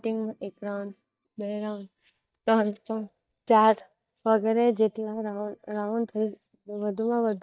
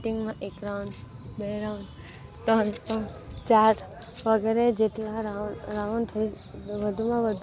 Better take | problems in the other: second | noise reduction (neural mask model DeepFilterNet 3)

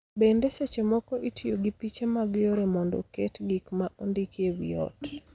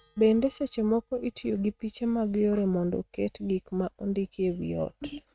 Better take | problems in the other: first | noise reduction (neural mask model RNNoise)

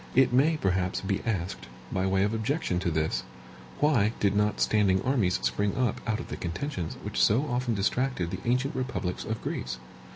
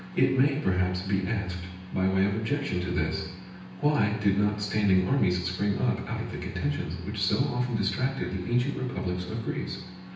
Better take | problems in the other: first | room echo; dies away in 0.9 s

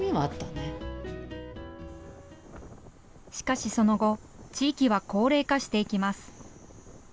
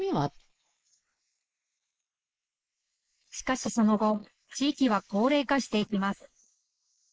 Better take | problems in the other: first | noise reduction (neural mask model Resemble Enhance denoiser)

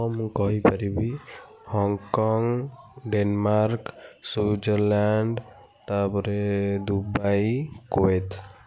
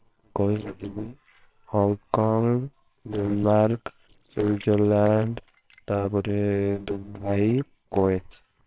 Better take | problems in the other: first | noise reduction (neural separator model SepFormer WHAMR!)

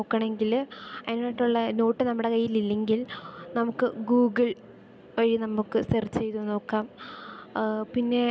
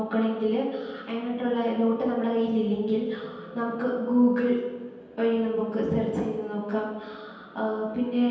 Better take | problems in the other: first | room echo; dies away in 1.2 s

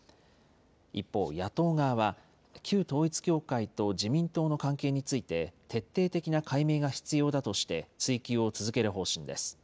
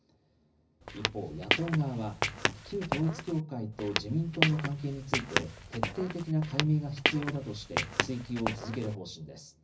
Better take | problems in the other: first | background sound (Squeak / Walk, footsteps); as loud as the speech // room echo; dies away in 0.4 s

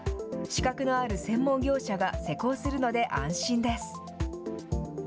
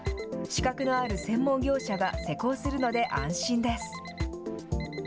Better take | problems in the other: first | background sound (Alarm); 20 dB below the speech

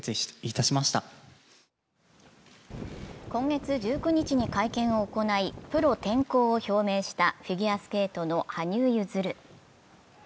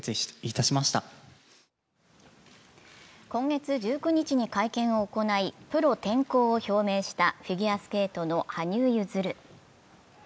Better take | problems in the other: second | background sound (Wind); 12 dB below the speech

